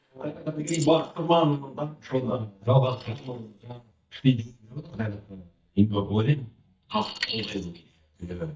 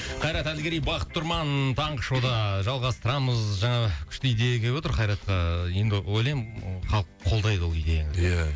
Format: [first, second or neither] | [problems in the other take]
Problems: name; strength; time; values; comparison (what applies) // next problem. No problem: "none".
second | noise reduction (neural mask model DeepFilterNet 3)